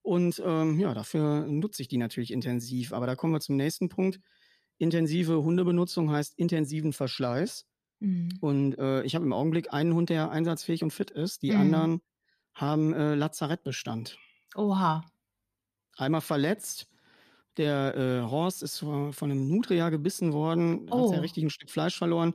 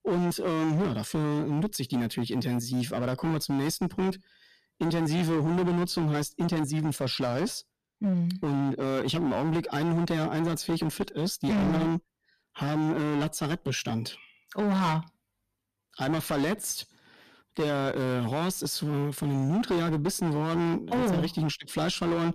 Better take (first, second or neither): first